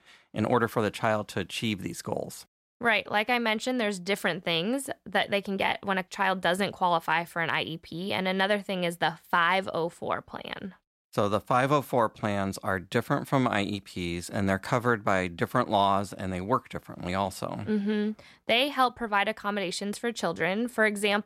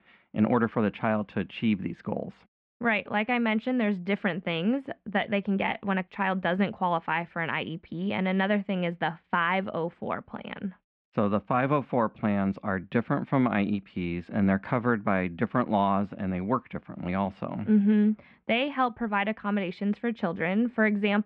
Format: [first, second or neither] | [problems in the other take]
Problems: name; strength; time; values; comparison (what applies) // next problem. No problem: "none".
first | muffled; very; fading above 2.5 kHz